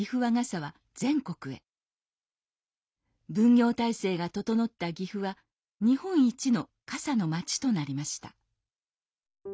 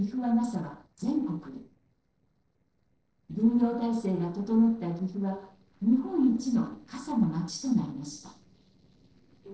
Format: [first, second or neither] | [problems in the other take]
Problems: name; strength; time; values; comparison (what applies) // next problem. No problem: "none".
first | noise reduction (neural separator model SepFormer DNS4)